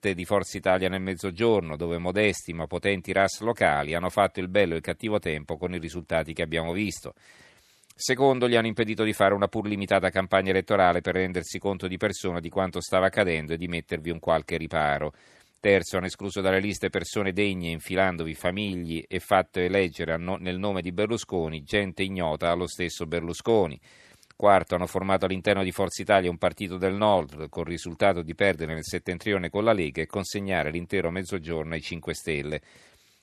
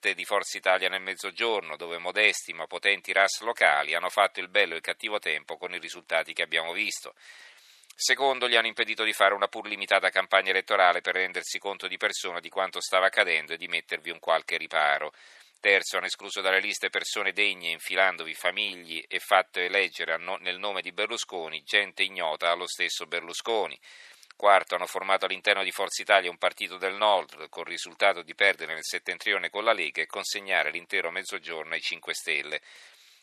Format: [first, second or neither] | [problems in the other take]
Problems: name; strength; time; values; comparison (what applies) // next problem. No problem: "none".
first | thin; very; fading below 700 Hz